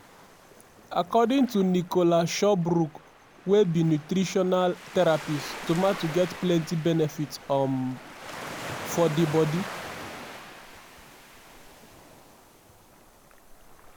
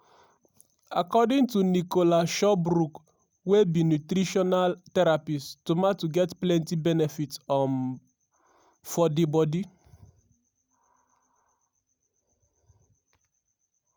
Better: second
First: background sound (Waves, surf); 15 dB below the speech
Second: none

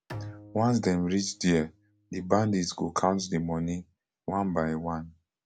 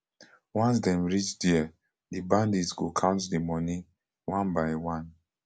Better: second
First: background sound (Bowed string instrument); 19 dB below the speech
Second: none

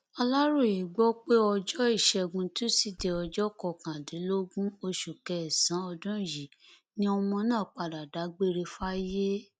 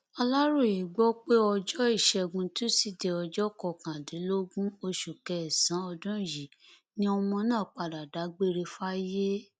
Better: second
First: background sound (Run); 17 dB below the speech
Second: none

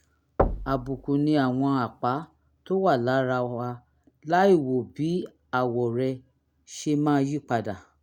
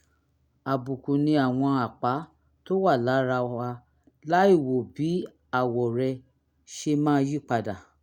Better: second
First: background sound (Knock / Wood / Percussion); 6 dB below the speech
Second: none

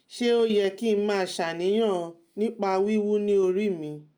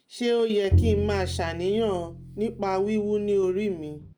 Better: first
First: none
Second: background sound (Bowed string instrument); 4 dB below the speech

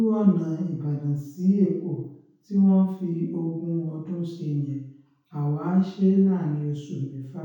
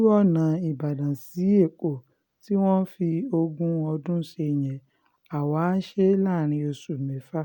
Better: second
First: room echo; dies away in 0.6 s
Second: none

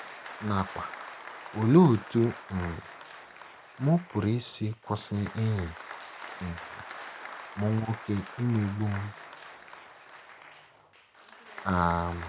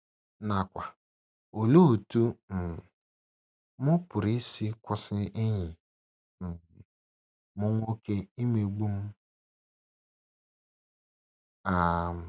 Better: second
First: background sound (Applause); 15 dB below the speech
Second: none

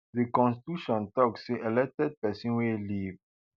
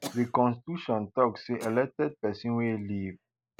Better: first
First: none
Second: noise reduction (neural mask model Resemble Enhance denoiser)

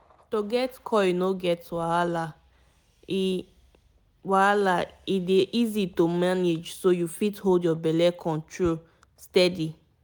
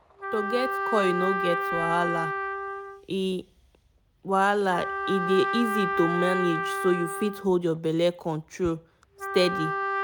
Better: first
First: none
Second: background sound (Trumpet); 4 dB below the speech

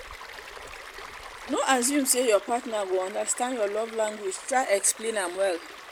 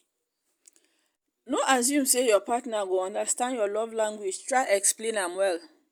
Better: second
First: background sound (Stream); 15 dB below the speech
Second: none

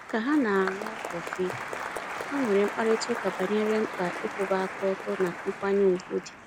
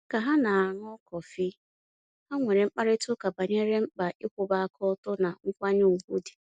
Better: second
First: background sound (Applause); 8 dB below the speech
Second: none

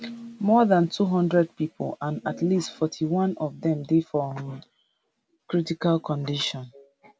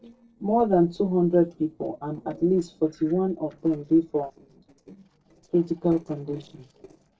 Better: first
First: none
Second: noise reduction (neural separator model SepFormer DNS4)

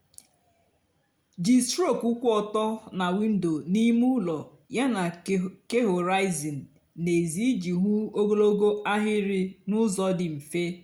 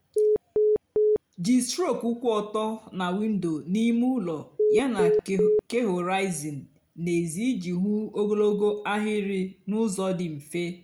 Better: first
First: none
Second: background sound (Telephone); 3 dB above the speech

